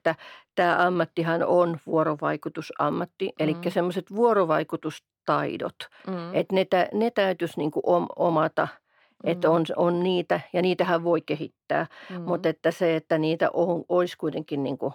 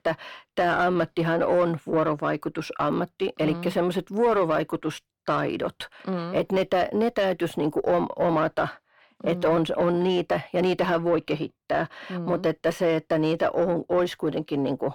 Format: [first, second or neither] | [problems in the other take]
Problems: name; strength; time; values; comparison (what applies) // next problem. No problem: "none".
first | distortion; slight; 10 dB below the speech